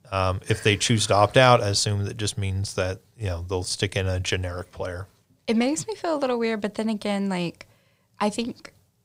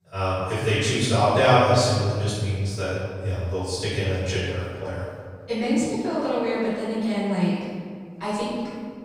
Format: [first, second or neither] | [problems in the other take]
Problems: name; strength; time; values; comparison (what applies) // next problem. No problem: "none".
first | off-mic speech; far // room echo; strong; dies away in 1.8 s